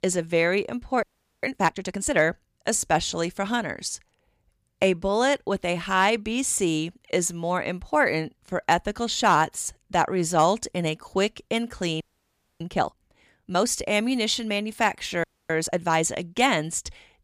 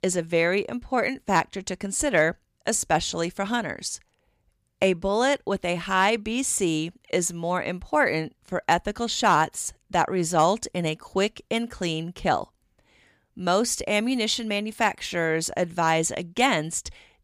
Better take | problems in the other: second | audio freezing; at 1 s, at 12 s for 0.5 s and at 15 s

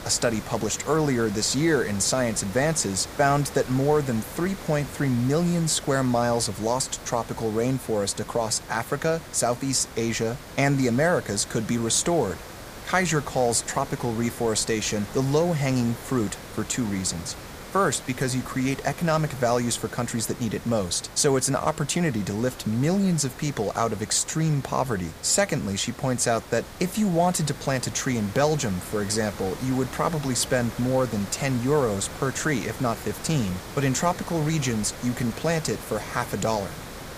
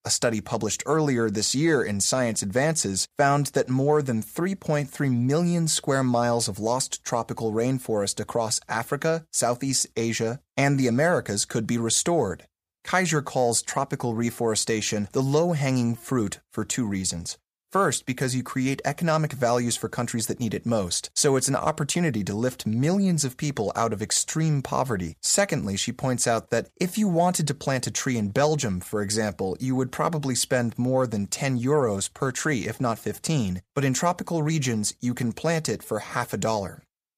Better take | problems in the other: second | hiss; noticeable; throughout; 15 dB below the speech

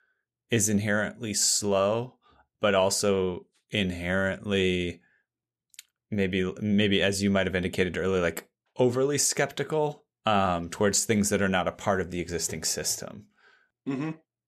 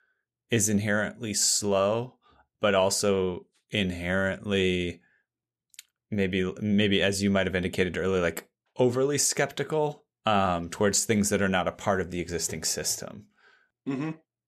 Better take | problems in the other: neither | none

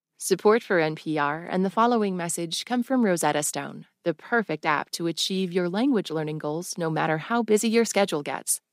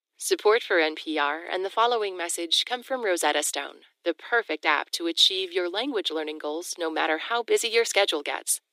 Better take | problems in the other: first | thin; very; fading below 300 Hz

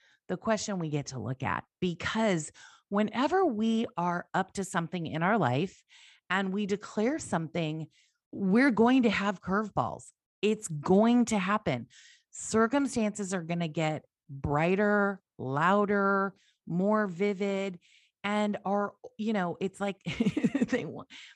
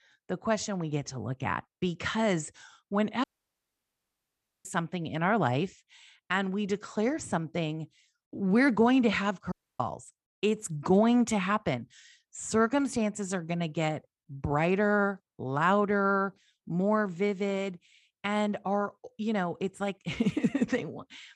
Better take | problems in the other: first | audio cutting out; at 3 s for 1.5 s and at 9.5 s

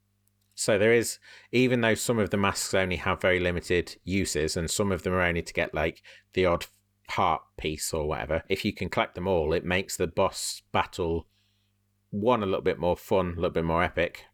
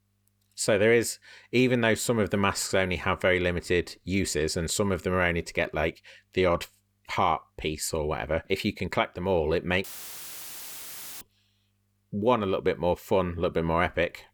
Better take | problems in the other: first | audio cutting out; filled with static; at 10 s for 1.5 s

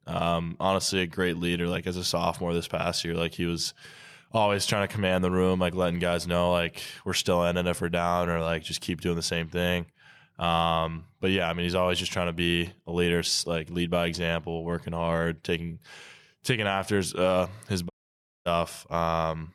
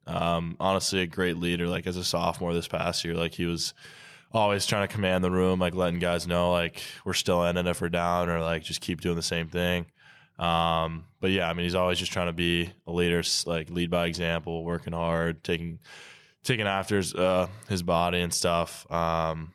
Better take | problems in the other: second | audio cutting out; at 18 s for 0.5 s

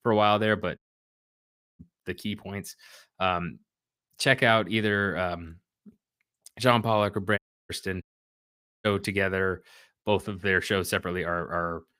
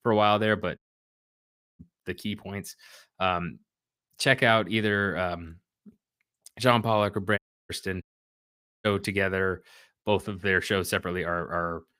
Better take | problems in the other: neither | audio cutting out; at 1 s for 1 s, at 7.5 s and at 8 s for 1 s; the same in both

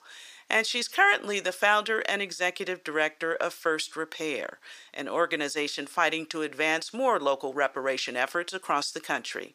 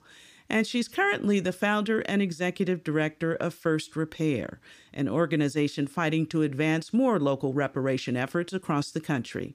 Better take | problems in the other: second | thin; very; fading below 700 Hz

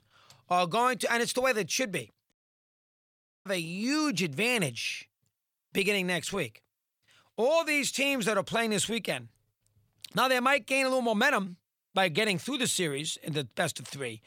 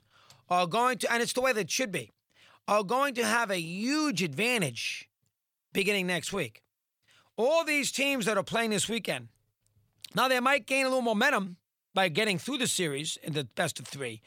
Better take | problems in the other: second | audio cutting out; at 2.5 s for 1 s

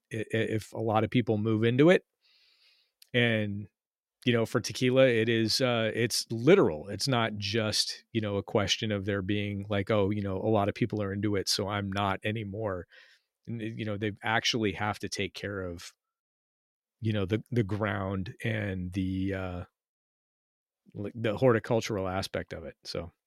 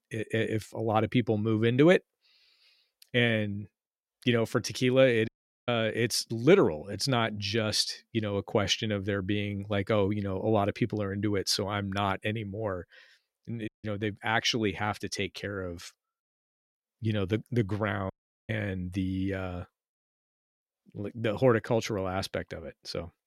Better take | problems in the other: first | audio cutting out; at 5.5 s, at 14 s and at 18 s

